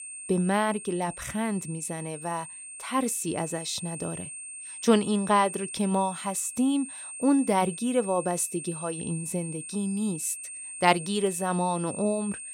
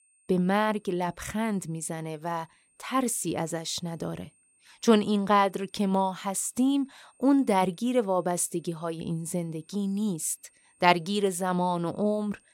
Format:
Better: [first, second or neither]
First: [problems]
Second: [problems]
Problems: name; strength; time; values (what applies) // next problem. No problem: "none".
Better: second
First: high-pitched whine; loud; throughout; 8.5 kHz, 9 dB below the speech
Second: high-pitched whine; faint; throughout; 8.5 kHz, 35 dB below the speech